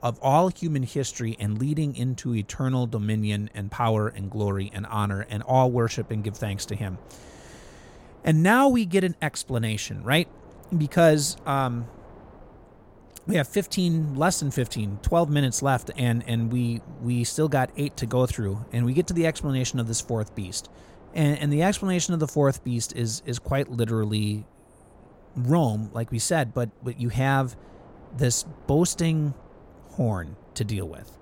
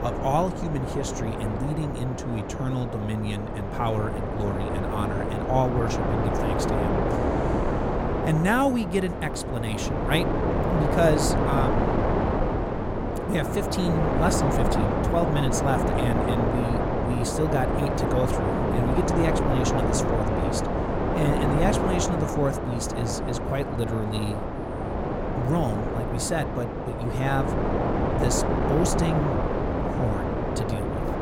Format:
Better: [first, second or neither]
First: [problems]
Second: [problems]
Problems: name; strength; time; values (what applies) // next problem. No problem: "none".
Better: first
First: wind noise on the microphone; occasional gusts; 25 dB below the speech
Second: wind noise on the microphone; heavy; 2 dB above the speech